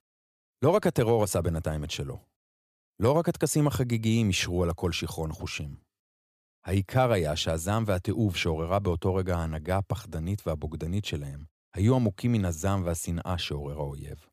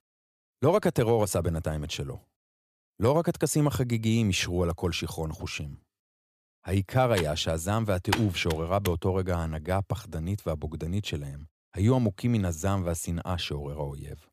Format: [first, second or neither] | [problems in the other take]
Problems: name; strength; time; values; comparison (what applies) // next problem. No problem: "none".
first | keyboard typing; noticeable; from 7 to 9 s; peak 3 dB below the speech